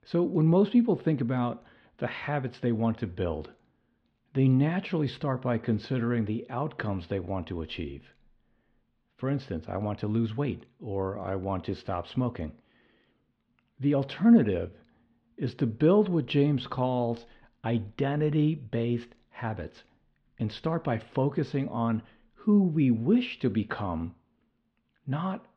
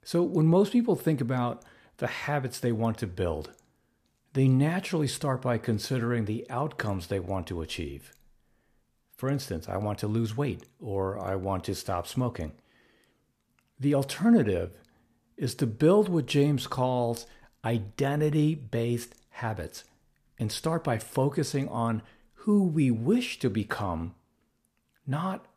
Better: second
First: muffled; slightly; fading above 3.5 kHz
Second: none

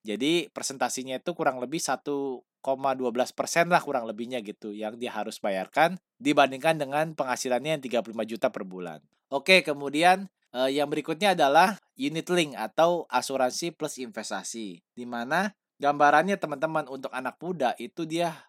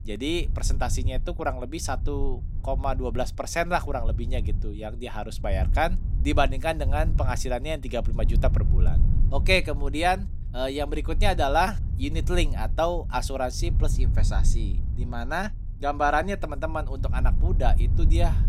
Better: first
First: none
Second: low rumble; noticeable; throughout; 20 dB below the speech

